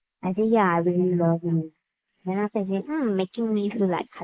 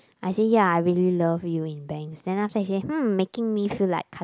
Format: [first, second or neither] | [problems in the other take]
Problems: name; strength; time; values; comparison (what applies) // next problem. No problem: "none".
second | noise reduction (neural mask model Resemble Enhance denoiser)